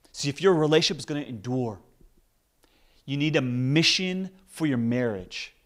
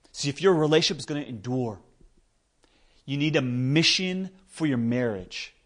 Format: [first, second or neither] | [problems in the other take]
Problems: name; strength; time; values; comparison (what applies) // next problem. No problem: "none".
first | garbled, watery; slightly; nothing above 9 kHz